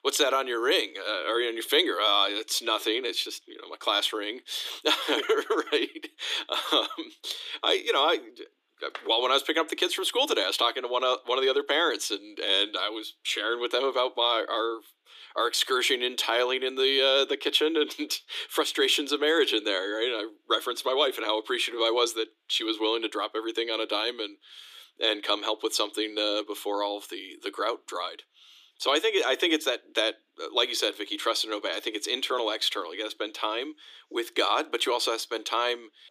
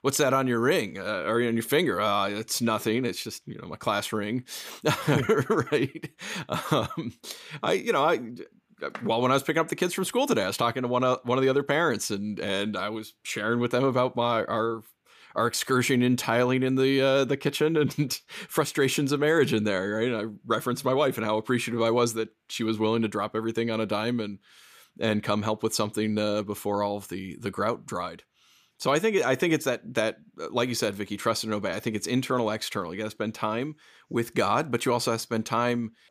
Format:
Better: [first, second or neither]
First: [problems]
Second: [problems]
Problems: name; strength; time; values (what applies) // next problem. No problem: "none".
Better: second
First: thin; very; fading below 300 Hz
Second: none